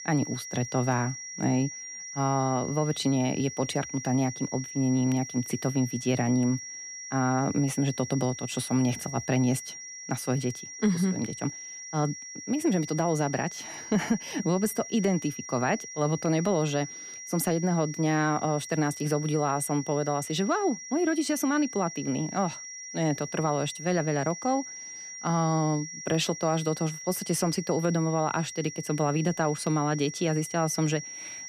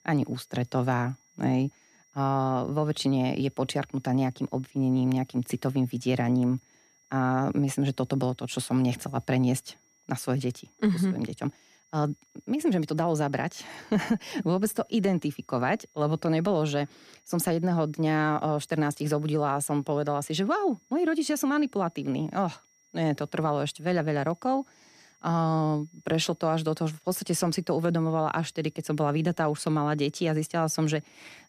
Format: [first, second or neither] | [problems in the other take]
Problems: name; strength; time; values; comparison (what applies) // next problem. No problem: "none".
second | high-pitched whine; loud; throughout; 5.5 kHz, 10 dB below the speech; faint in the second